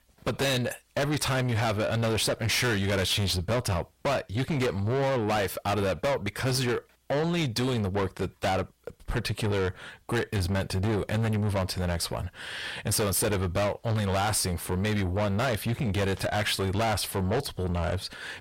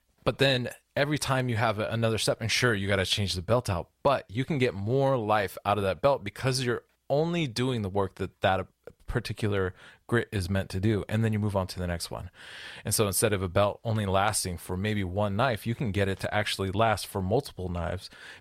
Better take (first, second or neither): second